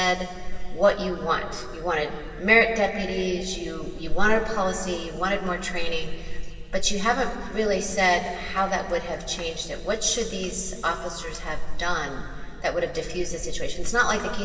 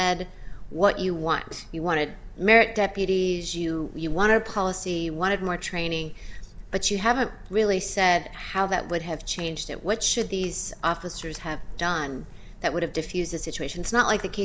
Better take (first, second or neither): second